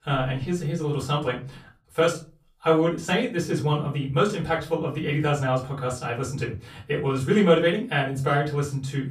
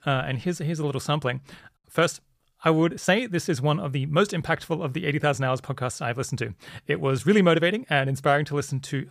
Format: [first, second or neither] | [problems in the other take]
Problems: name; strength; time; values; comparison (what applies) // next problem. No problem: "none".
second | off-mic speech; far // room echo; very slight; dies away in 0.3 s